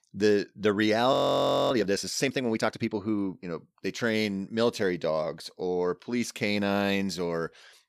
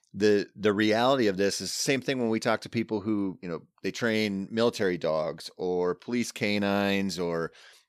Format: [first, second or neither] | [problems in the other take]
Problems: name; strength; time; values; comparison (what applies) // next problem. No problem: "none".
second | audio freezing; at 1 s for 0.5 s